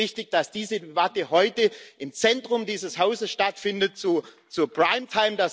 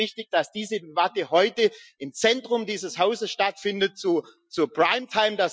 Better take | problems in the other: first | noise reduction (classical method Wiener filter)

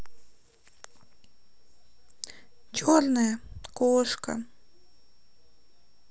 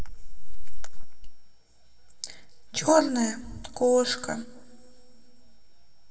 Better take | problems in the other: first | room echo; dies away in 1.8 s

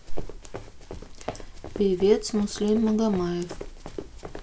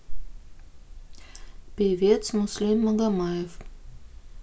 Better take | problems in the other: second | background sound (Run); 14 dB below the speech

